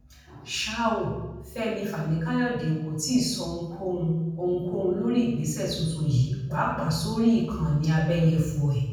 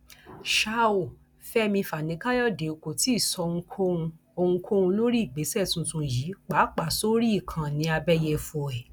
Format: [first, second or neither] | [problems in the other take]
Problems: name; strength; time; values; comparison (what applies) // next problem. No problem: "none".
second | room echo; dies away in 1.2 s